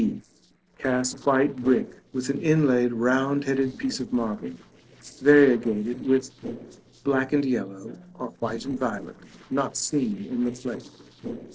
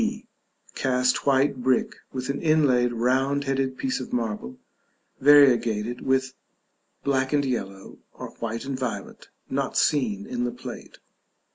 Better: second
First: noise reduction (neural separator model SepFormer DNS4)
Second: none

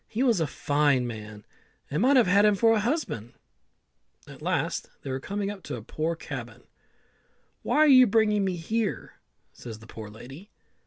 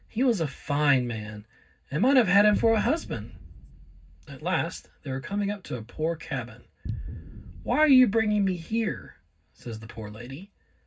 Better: first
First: none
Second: background sound (Boom); 15 dB below the speech // room echo; dies away in 0.4 s

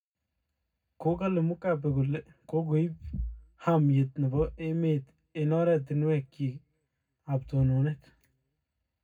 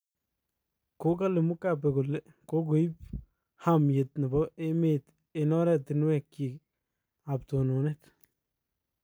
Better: second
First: room echo; dies away in 0.3 s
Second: none

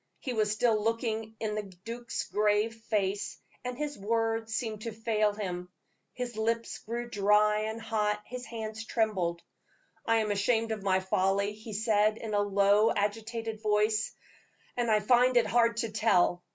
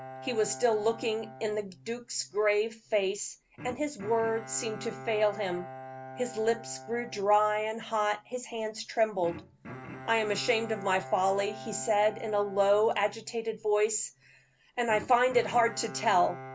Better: first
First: none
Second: background sound (Bowed string instrument); 16 dB below the speech

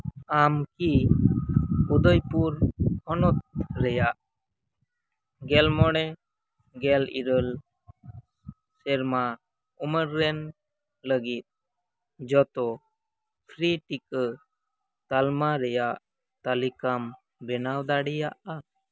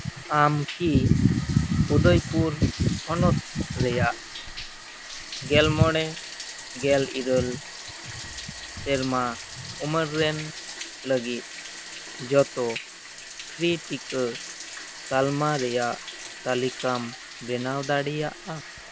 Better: first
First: none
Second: background sound (Bathtub (filling or washing)); 13 dB below the speech

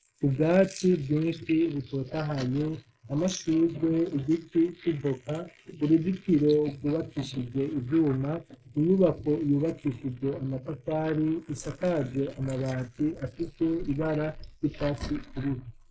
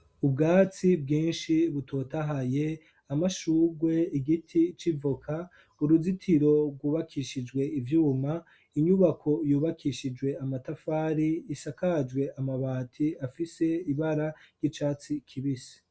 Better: second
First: noise reduction (neural mask model Resemble Enhance denoiser)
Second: none

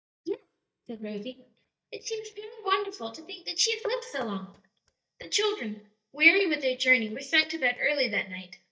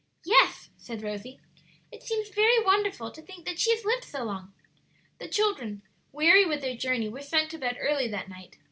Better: second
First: noise reduction (neural mask model DeepFilterNet 3)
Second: none

